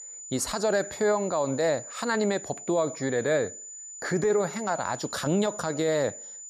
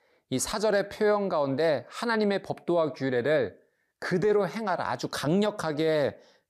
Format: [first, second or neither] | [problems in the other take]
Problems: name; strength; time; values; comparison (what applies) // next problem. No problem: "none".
second | high-pitched whine; noticeable; throughout; 7 kHz, 10 dB below the speech